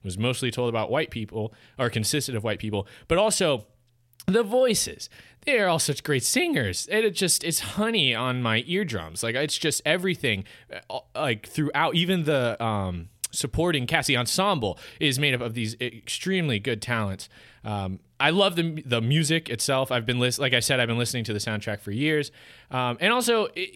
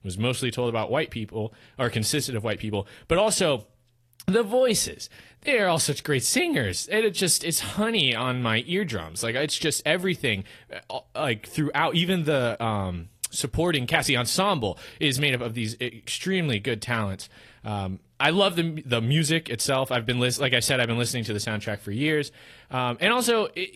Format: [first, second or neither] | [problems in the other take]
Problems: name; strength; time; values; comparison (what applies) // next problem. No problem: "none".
first | garbled, watery; slightly